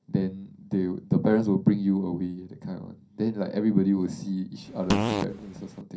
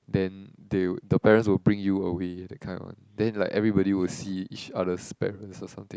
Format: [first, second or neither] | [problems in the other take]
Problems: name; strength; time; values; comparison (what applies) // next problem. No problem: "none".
second | background sound (Fart); 2 dB below the speech // room echo; dies away in 0.3 s